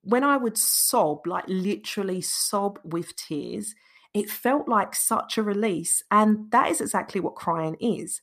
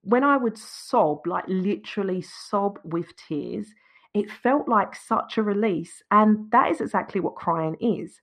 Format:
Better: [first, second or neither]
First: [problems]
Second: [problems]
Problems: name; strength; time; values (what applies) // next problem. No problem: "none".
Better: first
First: none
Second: muffled; slightly; fading above 2.5 kHz